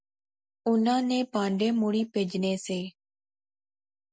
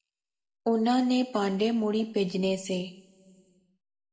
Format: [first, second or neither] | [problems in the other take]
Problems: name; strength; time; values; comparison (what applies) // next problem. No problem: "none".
first | room echo; dies away in 1.9 s